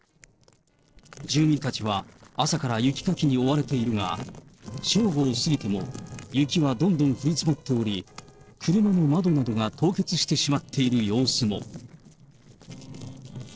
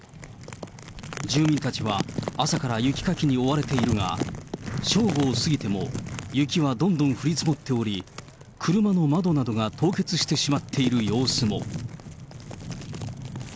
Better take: second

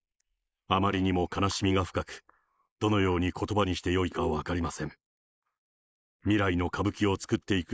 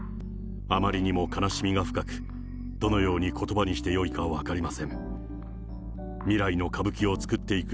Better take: second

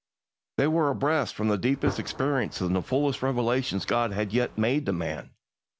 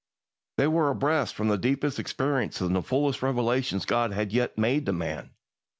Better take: second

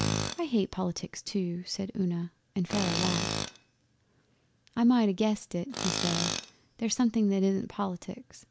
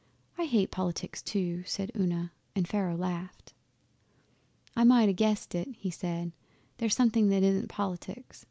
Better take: second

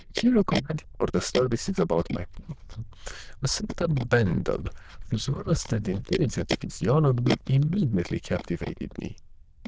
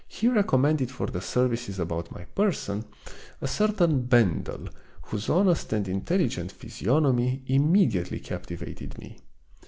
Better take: second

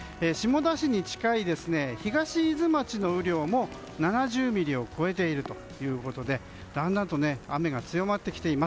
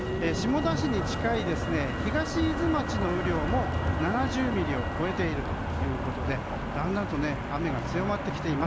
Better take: first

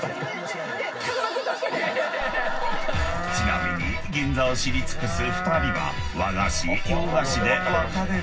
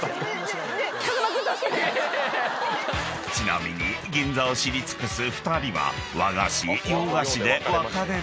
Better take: second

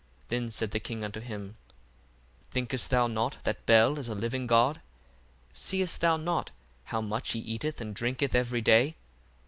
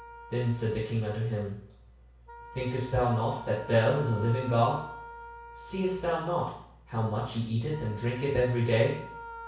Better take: first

